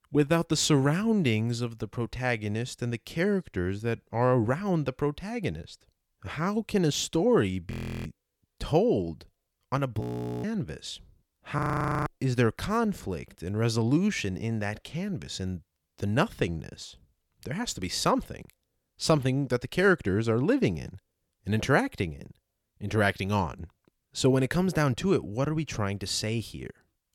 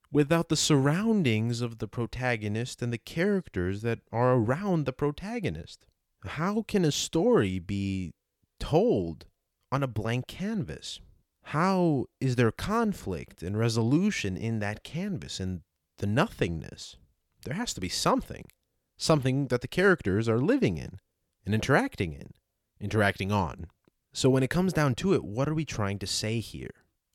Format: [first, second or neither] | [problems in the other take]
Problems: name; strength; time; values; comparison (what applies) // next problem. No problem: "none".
second | audio freezing; at 7.5 s, at 10 s and at 12 s